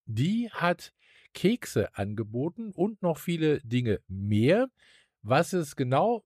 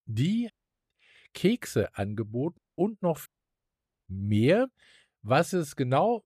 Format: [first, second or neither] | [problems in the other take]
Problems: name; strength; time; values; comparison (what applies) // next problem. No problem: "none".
first | audio cutting out; at 0.5 s, at 2.5 s and at 3.5 s for 1 s